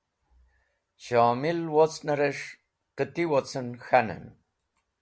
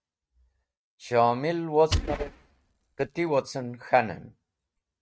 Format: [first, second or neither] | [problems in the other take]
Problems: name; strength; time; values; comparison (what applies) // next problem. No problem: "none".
first | noise reduction (neural mask model RNNoise)